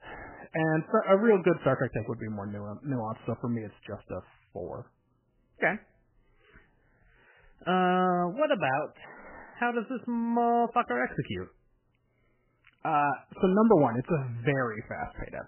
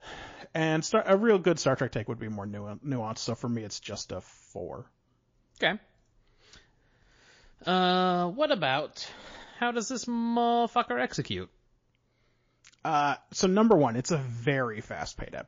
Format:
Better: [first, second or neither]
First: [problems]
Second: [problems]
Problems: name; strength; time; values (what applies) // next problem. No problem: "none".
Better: second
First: garbled, watery; badly; nothing above 3 kHz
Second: garbled, watery; slightly; nothing above 6.5 kHz